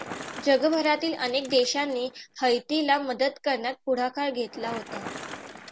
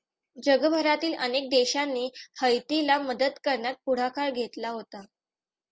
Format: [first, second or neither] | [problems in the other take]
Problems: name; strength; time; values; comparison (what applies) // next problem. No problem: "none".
second | background sound (Bicycle); 15 dB below the speech